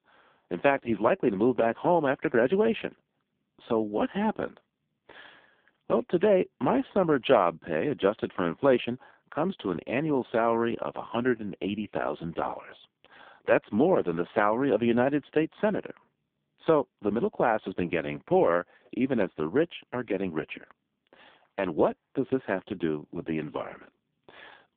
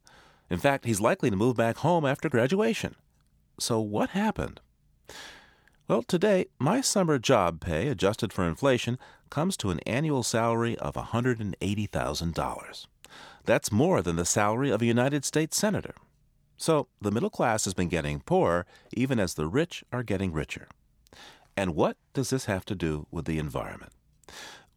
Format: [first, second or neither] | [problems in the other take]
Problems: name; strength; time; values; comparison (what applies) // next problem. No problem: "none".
second | phone-call audio; poor line